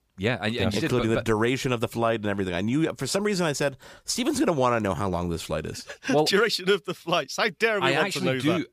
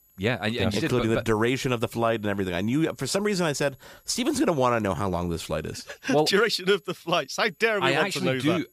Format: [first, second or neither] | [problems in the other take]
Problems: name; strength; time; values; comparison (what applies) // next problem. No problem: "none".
first | high-pitched whine; faint; throughout; 11.5 kHz, 35 dB below the speech